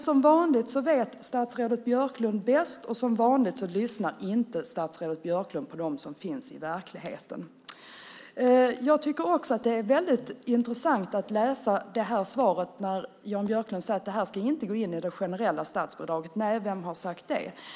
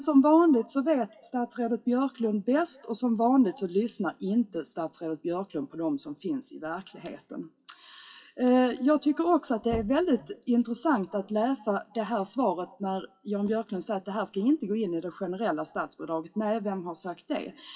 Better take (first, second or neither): first